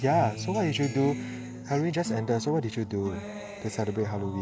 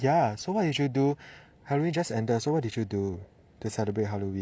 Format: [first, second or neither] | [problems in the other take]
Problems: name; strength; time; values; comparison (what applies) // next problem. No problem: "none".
second | background sound (Acoustic guitar); 9 dB below the speech